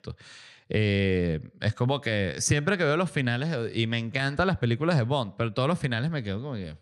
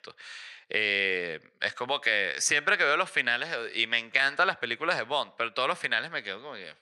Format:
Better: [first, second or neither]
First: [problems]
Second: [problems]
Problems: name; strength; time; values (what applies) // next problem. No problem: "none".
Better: first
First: none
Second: thin; very; fading below 550 Hz